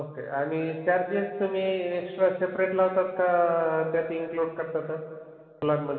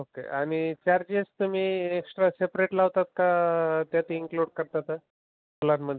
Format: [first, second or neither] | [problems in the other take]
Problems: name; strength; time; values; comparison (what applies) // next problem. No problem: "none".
second | room echo; dies away in 2.3 s